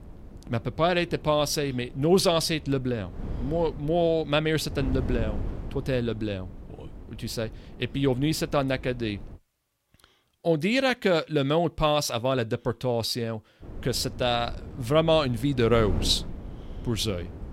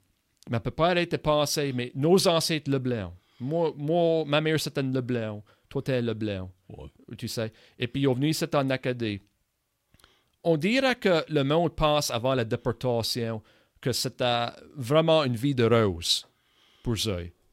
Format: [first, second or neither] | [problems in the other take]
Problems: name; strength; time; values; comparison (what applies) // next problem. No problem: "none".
second | wind noise on the microphone; occasional gusts; until 9.5 s and from 14 s on; 20 dB below the speech